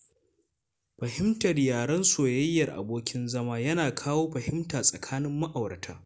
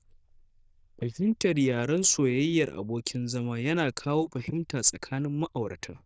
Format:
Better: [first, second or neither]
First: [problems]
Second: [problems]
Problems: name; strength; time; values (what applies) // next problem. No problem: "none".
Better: first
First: none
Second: noise reduction (neural diffusion model UNIVERSE++)